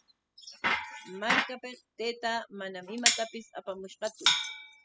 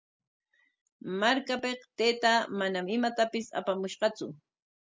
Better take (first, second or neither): second